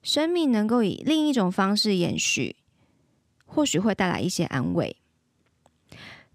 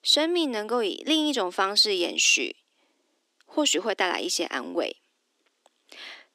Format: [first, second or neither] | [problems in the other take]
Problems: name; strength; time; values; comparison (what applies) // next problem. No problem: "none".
first | thin; somewhat; fading below 300 Hz